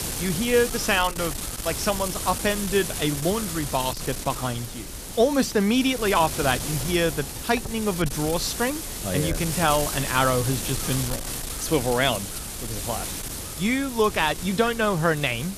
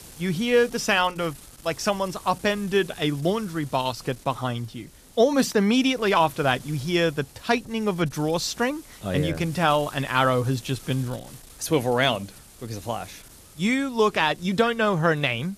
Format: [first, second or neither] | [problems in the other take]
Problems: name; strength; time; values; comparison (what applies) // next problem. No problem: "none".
second | wind noise on the microphone; heavy; 8 dB below the speech; occasional gusts in the second